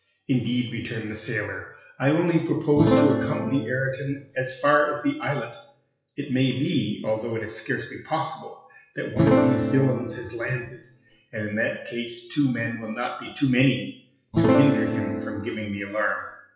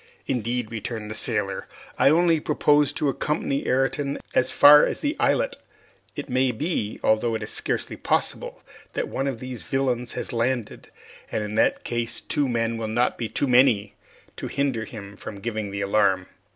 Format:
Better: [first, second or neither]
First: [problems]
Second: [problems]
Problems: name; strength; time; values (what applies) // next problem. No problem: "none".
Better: second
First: noise reduction (classical method WPE with log-MMSE)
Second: none